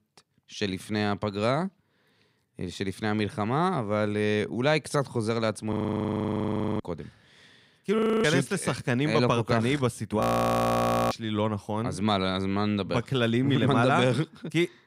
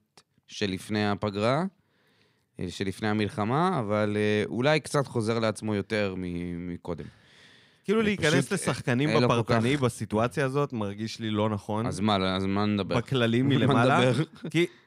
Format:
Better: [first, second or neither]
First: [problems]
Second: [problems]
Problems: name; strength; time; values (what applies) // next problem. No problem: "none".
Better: second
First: audio freezing; at 5.5 s for 1 s, at 8 s and at 10 s for 1 s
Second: none